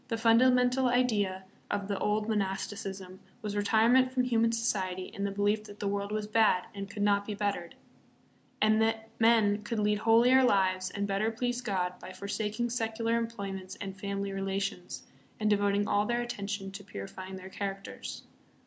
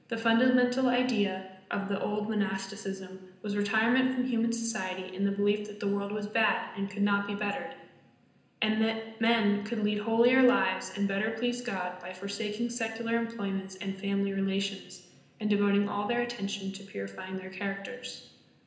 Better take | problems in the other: first | room echo; dies away in 0.9 s

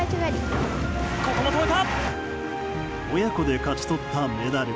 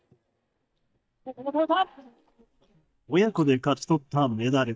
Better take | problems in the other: first | noise reduction (neural mask model DeepFilterNet 3)

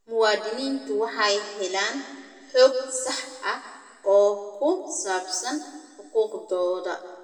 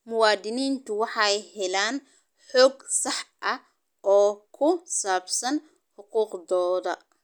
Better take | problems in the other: second | room echo; dies away in 1.5 s

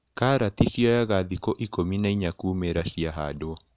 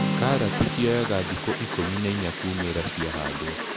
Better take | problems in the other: first | background sound (Acoustic guitar + Fowl); 3 dB below the speech

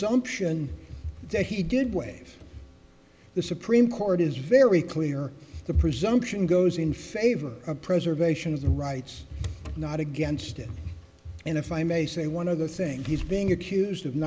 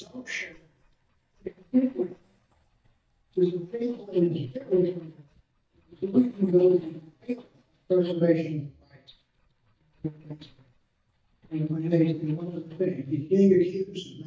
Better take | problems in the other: first | noise reduction (neural mask model DeepFilterNet 3)

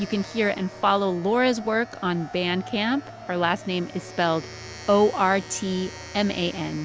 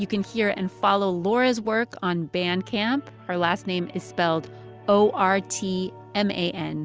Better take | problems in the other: second | background sound (Wind + Domestic sounds, home sounds); 17 dB below the speech

